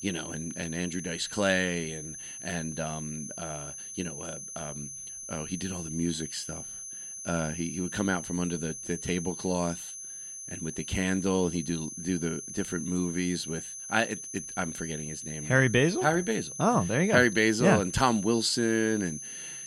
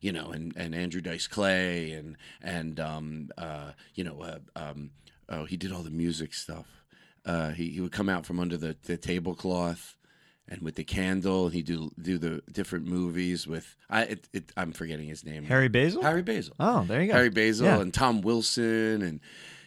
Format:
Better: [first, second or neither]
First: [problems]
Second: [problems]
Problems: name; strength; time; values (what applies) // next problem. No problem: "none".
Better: second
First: high-pitched whine; loud; throughout; 6 kHz, 9 dB below the speech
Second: none